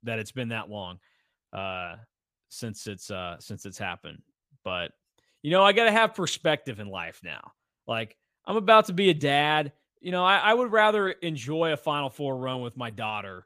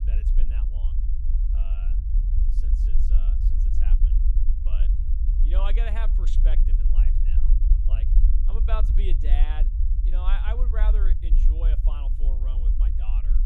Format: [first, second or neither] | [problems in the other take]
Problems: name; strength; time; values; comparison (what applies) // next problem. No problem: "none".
first | low rumble; loud; throughout; 6 dB below the speech